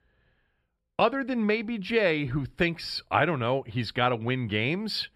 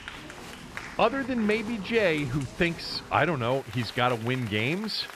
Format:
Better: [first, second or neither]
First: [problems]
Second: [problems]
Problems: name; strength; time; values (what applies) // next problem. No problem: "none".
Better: first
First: none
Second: crowd noise; noticeable; throughout; 15 dB below the speech